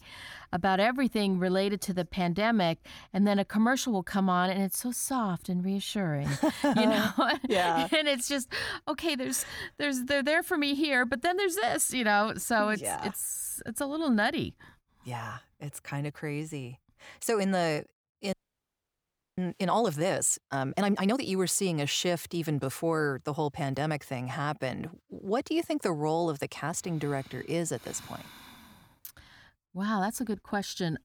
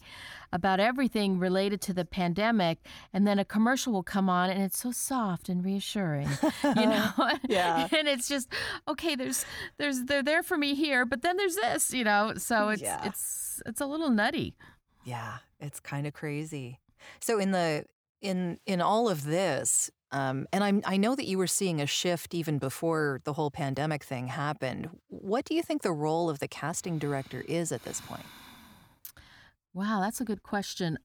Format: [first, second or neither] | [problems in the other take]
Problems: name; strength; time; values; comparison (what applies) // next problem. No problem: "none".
second | audio freezing; at 18 s for 1 s